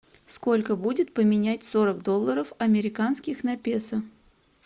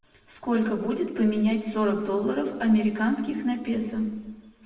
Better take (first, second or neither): first